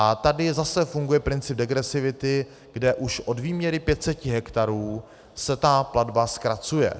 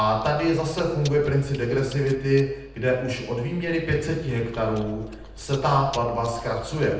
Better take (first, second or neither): first